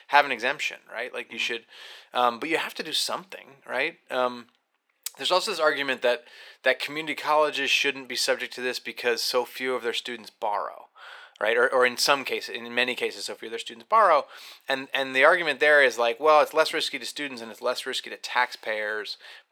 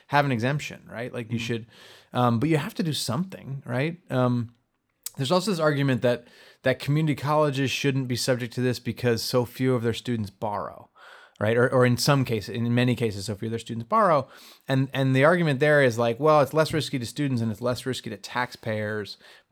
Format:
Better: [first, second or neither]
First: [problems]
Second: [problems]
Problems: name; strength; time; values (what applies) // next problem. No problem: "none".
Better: second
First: thin; very; fading below 400 Hz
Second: none